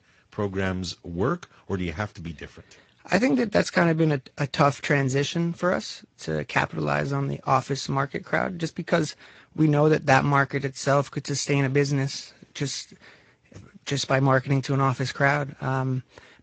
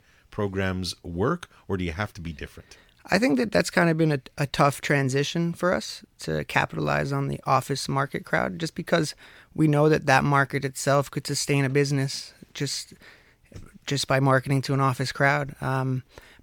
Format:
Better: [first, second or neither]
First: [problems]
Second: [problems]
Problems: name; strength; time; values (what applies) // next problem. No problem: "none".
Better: second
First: garbled, watery; slightly; nothing above 7.5 kHz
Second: none